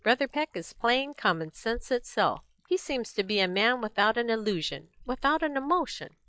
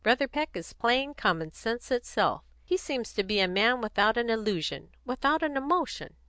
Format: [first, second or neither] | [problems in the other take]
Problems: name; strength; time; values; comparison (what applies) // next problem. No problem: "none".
second | noise reduction (classical method log-MMSE)